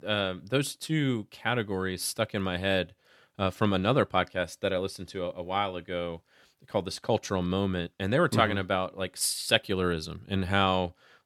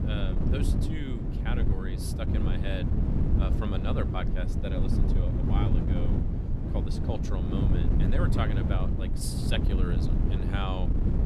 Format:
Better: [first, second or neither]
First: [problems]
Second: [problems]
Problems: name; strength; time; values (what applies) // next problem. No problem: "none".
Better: first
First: none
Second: wind noise on the microphone; heavy; as loud as the speech